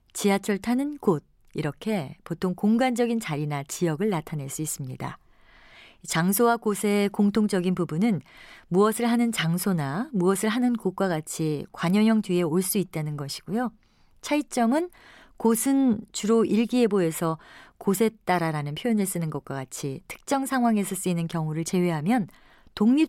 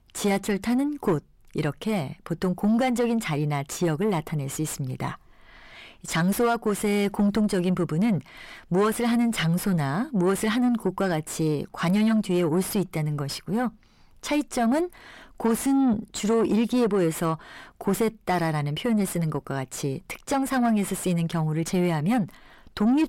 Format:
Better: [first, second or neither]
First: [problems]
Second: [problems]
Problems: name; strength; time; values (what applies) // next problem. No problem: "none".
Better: first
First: none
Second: distortion; slight; 9 dB below the speech